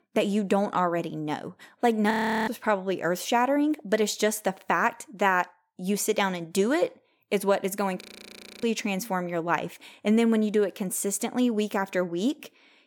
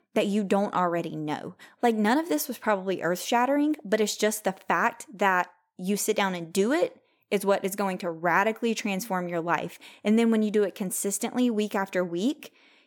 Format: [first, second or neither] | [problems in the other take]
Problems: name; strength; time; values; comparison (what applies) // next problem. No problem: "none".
second | audio freezing; at 2 s and at 8 s for 0.5 s